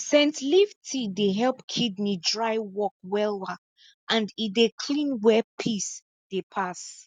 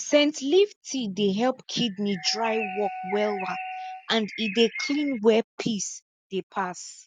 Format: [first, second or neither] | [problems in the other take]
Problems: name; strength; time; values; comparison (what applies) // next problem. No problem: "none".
first | background sound (Wind instrument, woodwind instrument + Bird); 10 dB below the speech